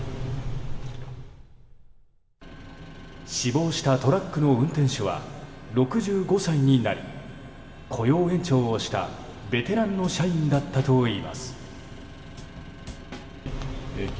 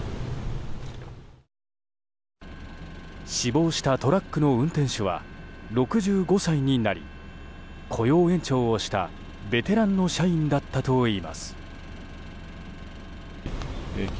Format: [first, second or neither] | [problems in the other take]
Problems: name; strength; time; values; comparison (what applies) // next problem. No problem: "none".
second | background sound (Drum / Drum kit); 17 dB below the speech // room echo; dies away in 2.3 s